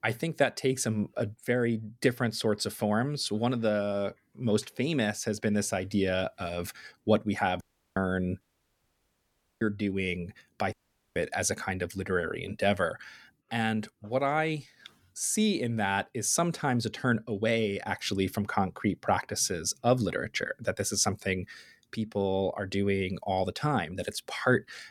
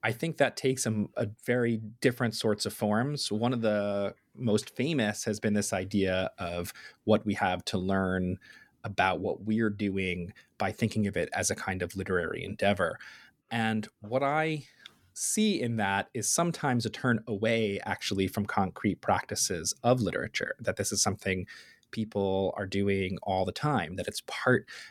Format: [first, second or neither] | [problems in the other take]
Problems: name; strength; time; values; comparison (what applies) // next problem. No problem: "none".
second | audio cutting out; at 7.5 s, at 8.5 s for 1 s and at 11 s